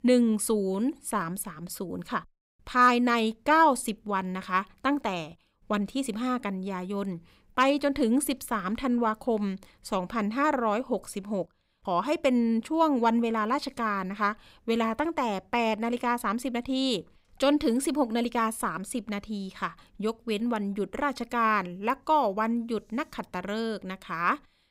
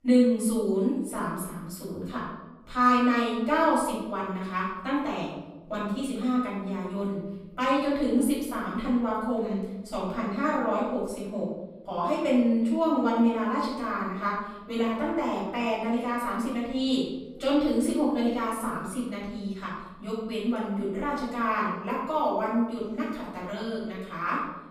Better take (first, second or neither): first